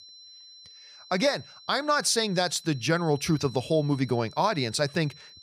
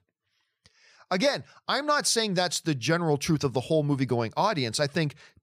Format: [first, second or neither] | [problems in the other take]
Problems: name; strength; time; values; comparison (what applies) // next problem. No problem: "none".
second | high-pitched whine; faint; throughout; 4 kHz, 20 dB below the speech